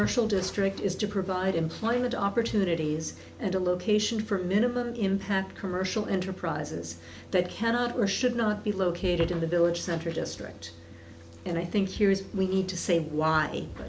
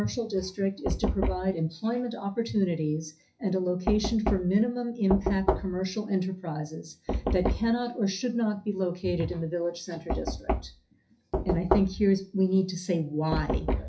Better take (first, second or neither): first